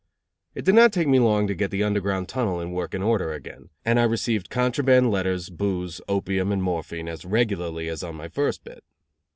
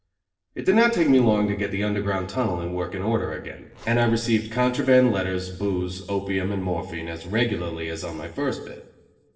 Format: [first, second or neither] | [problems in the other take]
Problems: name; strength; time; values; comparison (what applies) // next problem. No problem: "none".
first | noise reduction (neural separator model SepFormer DNS4)